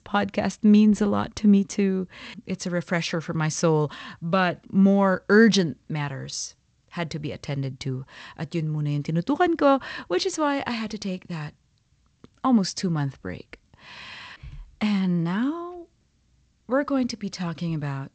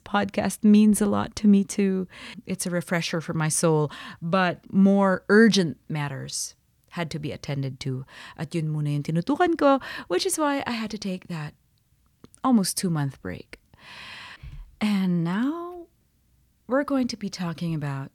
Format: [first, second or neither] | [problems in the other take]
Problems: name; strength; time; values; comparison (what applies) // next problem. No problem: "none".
second | garbled, watery; slightly; nothing above 7.5 kHz